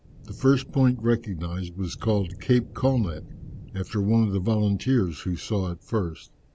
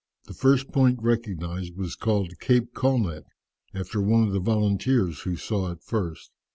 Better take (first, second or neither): second